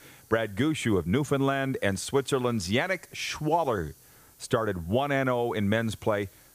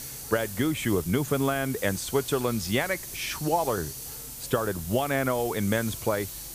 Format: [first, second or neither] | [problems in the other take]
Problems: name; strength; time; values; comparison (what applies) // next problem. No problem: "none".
first | hiss; loud; throughout; 9 dB below the speech; faint in the first